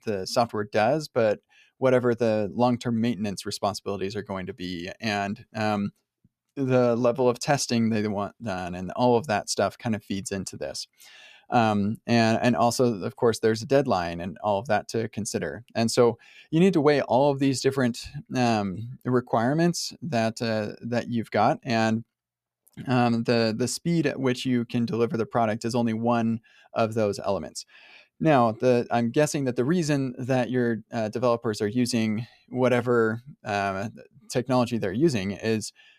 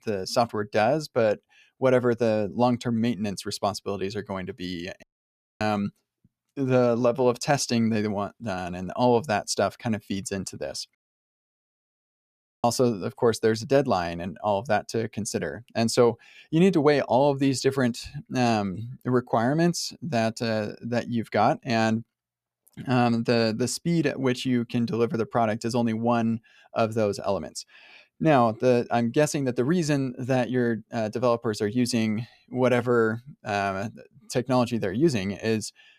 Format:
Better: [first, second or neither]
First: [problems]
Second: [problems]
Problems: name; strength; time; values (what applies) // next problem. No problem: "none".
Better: first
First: none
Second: audio cutting out; at 5 s for 0.5 s and at 11 s for 1.5 s